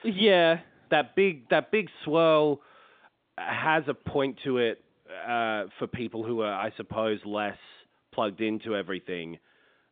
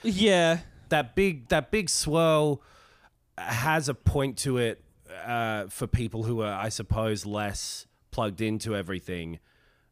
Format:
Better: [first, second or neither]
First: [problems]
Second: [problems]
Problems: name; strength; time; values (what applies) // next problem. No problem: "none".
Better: second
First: phone-call audio; nothing above 3.5 kHz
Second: none